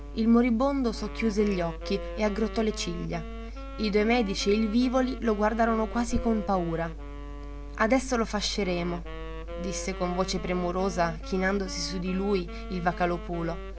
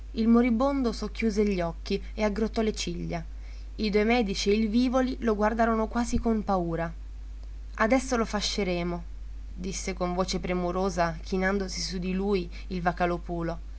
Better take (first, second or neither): second